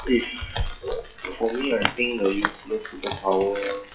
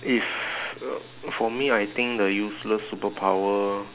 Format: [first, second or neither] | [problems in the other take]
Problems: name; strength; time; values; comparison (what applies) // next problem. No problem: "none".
second | noise reduction (classical method WPE with log-MMSE)